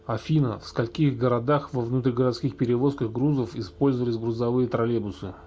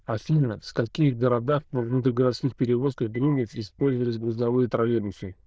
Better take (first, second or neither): first